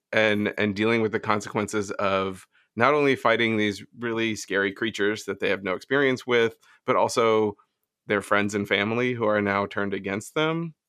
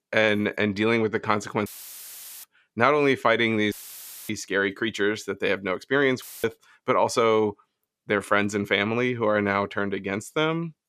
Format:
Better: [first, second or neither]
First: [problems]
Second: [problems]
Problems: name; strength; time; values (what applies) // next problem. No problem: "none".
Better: first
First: none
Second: audio cutting out; filled with static; at 1.5 s for 1 s, at 3.5 s for 0.5 s and at 6 s